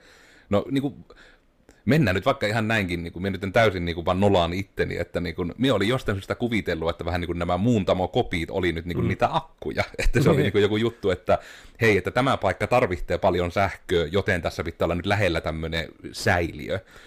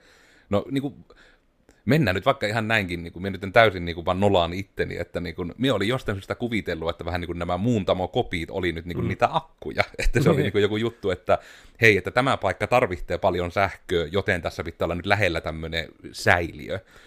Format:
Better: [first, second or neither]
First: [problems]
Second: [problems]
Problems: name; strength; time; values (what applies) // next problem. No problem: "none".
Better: second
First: distortion; slight; 10 dB below the speech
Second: none